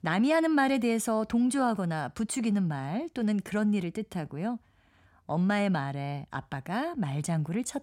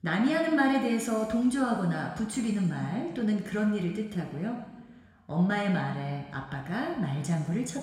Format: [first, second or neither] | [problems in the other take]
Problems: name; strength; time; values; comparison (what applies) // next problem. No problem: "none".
first | room echo; noticeable; dies away in 1.3 s // off-mic speech; somewhat distant